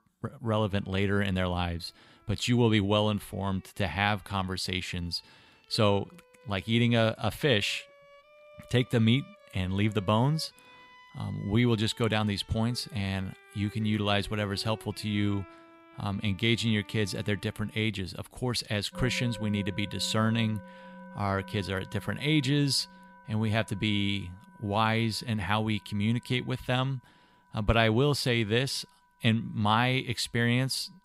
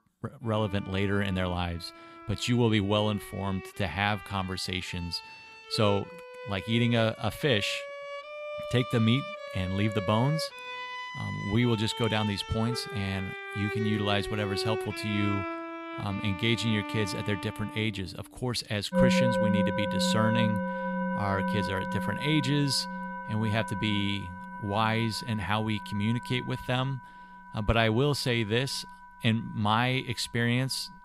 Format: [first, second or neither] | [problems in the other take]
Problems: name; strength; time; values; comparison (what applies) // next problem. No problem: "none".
first | background music; loud; throughout; 5 dB below the speech; faint in the first